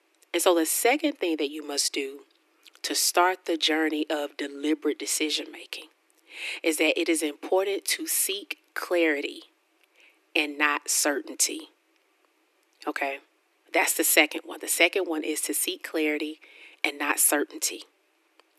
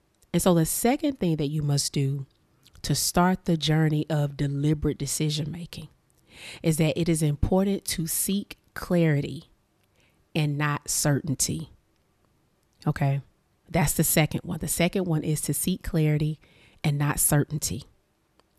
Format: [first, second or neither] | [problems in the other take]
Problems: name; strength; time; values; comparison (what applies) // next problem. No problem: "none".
second | thin; very; fading below 300 Hz